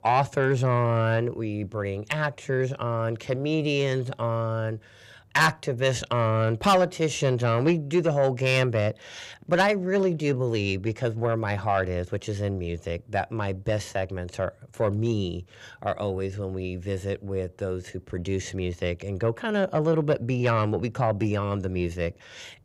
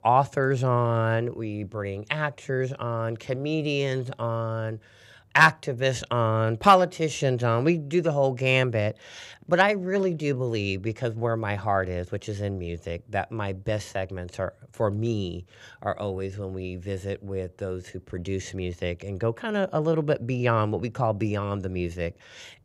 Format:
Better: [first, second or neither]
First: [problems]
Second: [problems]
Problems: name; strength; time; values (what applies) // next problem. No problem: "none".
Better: second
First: distortion; slight; 10 dB below the speech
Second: none